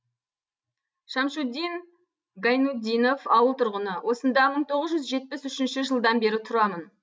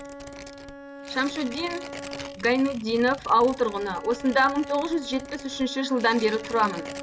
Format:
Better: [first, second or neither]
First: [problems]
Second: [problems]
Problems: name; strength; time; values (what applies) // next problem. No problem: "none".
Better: first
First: none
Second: background sound (Tearing + Bowed string instrument); 13 dB below the speech